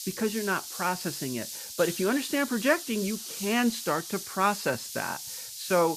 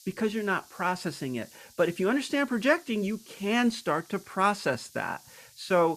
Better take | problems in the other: second | hiss; loud; throughout; 7 dB below the speech; faint in the second

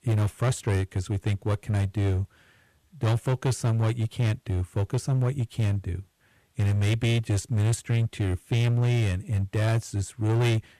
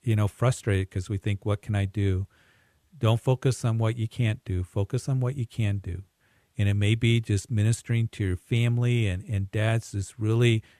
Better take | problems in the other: second | distortion; slight; 16% of the sound clipped

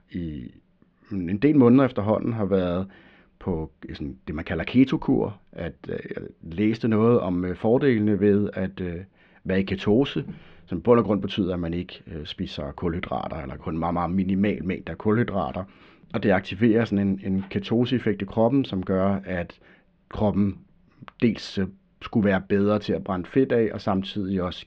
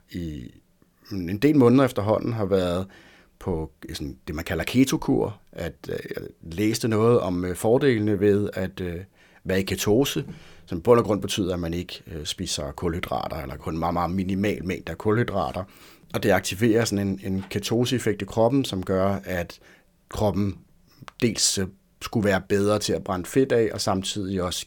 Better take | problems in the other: second | muffled; very; fading above 3.5 kHz

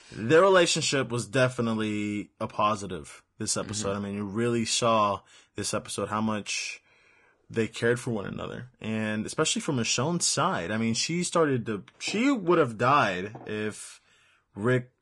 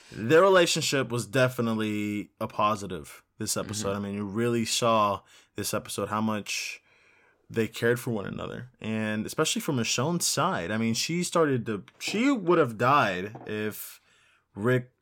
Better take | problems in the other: second | garbled, watery; slightly; nothing above 10 kHz

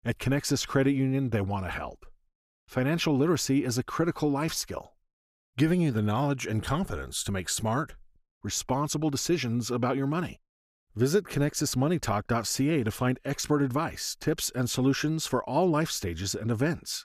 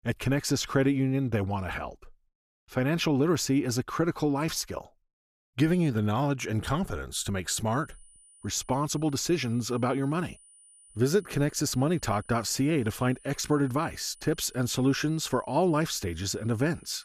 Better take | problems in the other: first | high-pitched whine; faint; from 8 s on; 9.5 kHz, 25 dB below the speech

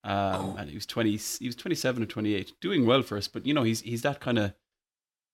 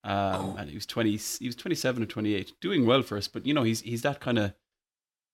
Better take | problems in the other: neither | none

